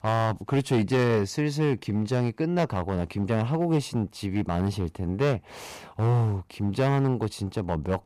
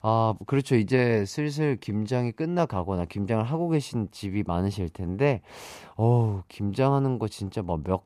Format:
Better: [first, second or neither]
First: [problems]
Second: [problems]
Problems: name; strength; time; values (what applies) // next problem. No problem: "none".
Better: second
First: distortion; slight; 6% of the sound clipped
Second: none